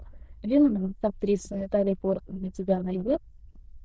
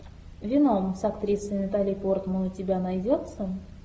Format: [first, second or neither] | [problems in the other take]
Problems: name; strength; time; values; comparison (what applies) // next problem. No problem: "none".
second | noise reduction (neural diffusion model UNIVERSE++)